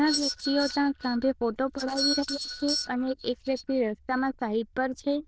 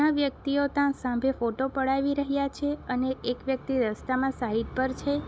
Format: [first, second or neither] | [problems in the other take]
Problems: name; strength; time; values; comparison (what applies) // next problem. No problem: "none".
second | noise reduction (neural diffusion model UNIVERSE++)